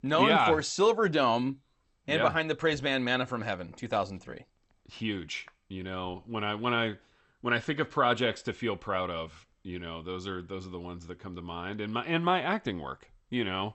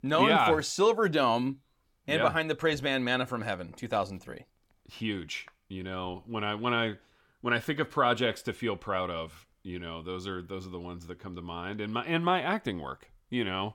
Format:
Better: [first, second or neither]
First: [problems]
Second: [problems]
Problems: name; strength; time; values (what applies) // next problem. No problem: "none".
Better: second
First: garbled, watery; slightly; nothing above 8 kHz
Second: none